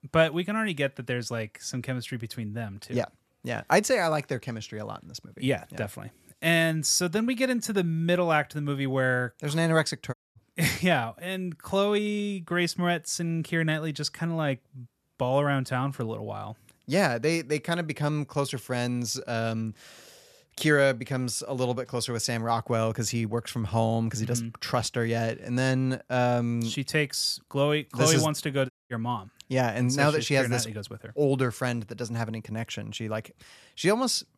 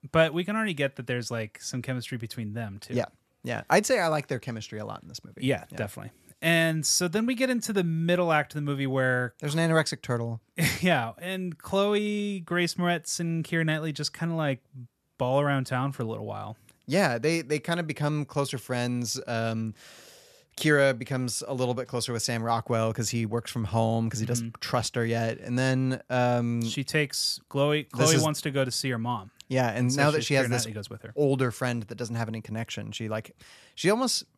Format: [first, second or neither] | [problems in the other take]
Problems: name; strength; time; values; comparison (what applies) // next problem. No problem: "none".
second | audio cutting out; at 10 s and at 29 s